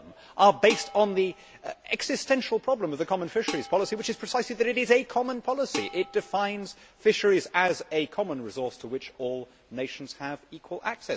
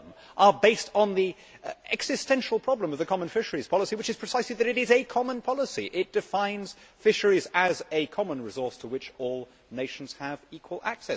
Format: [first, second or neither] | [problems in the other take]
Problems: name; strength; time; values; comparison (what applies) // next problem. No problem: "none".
second | background sound (Dishes, pots, and pans); 15 dB below the speech